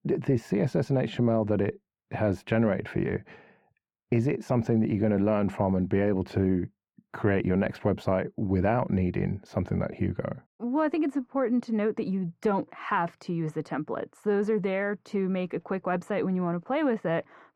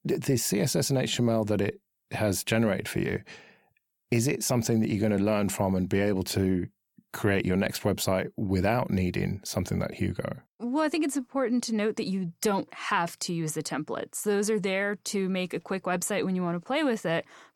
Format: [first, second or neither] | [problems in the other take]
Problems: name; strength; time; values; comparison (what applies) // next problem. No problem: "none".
second | muffled; very; fading above 3.5 kHz